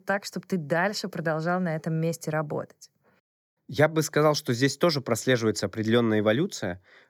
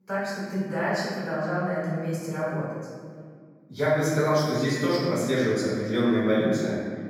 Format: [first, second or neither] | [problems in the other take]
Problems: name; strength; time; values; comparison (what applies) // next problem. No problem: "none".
first | off-mic speech; far // room echo; strong; dies away in 1.7 s